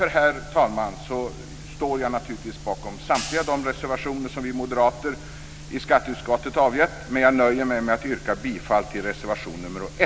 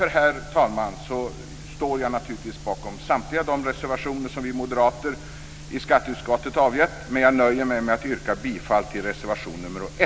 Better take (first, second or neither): second